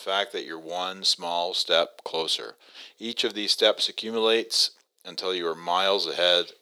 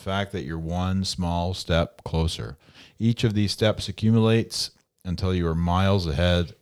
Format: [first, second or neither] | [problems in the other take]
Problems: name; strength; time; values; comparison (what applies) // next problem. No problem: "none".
second | thin; very; fading below 350 Hz